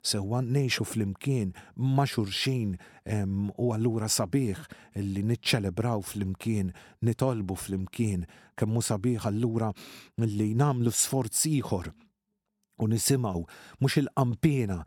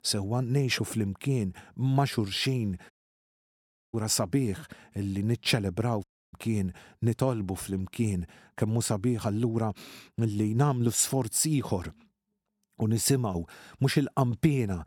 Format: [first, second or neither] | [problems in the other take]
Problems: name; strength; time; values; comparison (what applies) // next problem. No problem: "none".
first | audio cutting out; at 3 s for 1 s and at 6 s